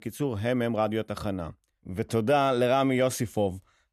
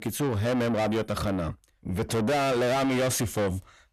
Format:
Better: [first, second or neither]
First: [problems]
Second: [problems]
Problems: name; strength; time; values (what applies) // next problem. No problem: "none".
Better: first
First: none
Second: distortion; heavy; 6 dB below the speech